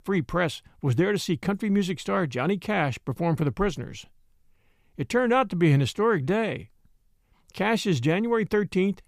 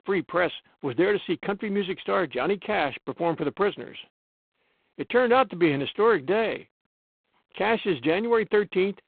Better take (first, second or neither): first